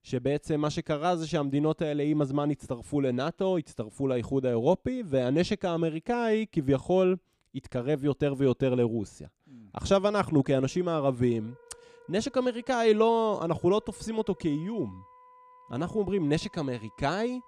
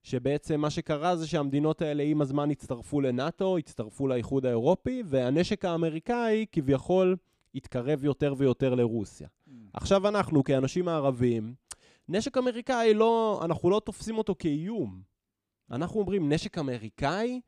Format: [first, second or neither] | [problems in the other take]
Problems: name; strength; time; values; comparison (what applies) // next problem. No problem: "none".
second | background music; faint; from 10 s on; 25 dB below the speech